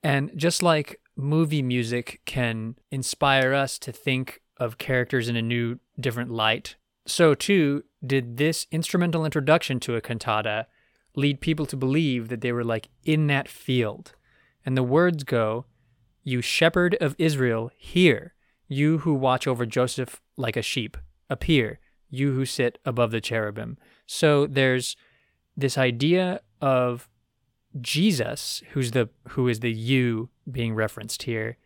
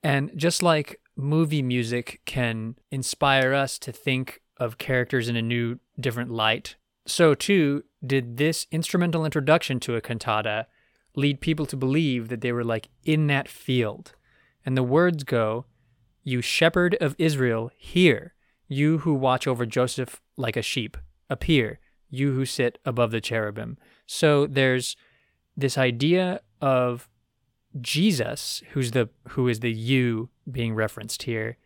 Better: neither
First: none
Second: none

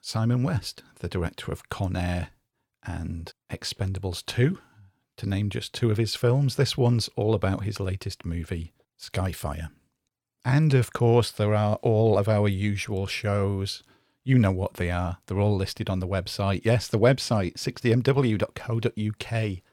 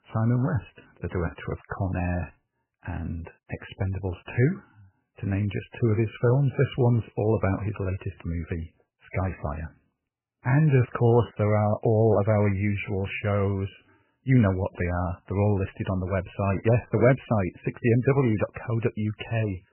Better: first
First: none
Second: garbled, watery; badly; nothing above 3 kHz

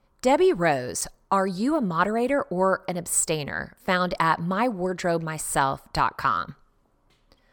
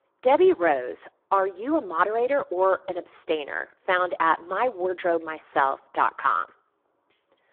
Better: first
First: none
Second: phone-call audio; poor line

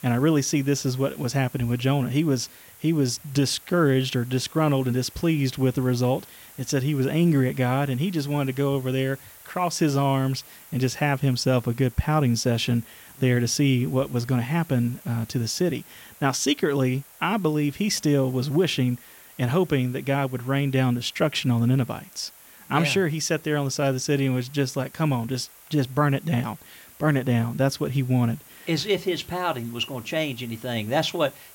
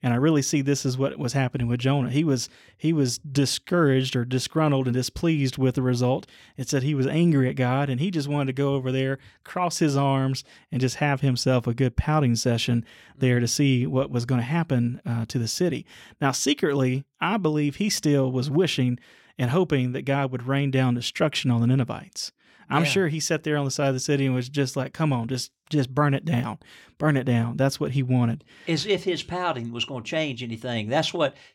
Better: second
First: hiss; faint; throughout; 20 dB below the speech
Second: none

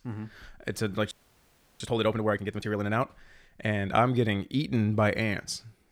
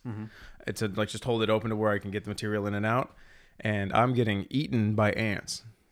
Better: second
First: audio freezing; at 1 s for 0.5 s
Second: none

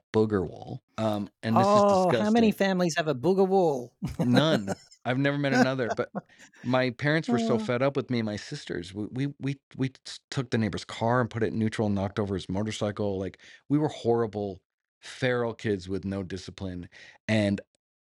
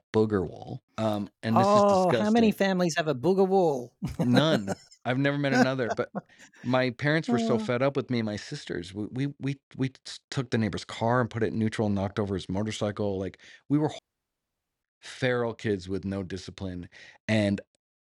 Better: first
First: none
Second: audio cutting out; at 14 s for 1 s

